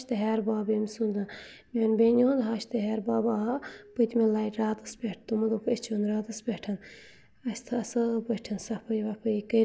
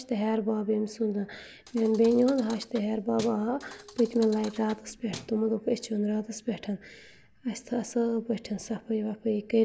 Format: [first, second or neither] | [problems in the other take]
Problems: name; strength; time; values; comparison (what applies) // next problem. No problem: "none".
first | background sound (Thump, thud); 18 dB below the speech